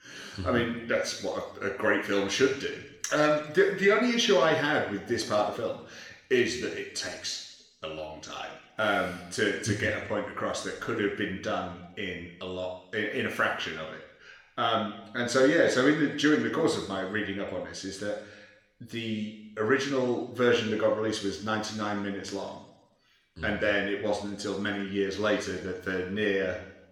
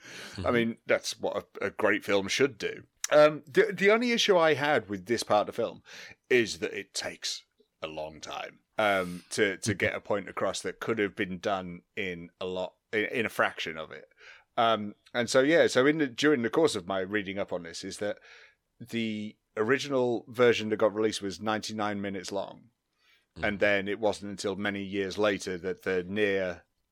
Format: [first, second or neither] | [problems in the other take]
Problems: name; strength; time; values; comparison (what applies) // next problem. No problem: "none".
second | room echo; noticeable; dies away in 0.8 s // off-mic speech; somewhat distant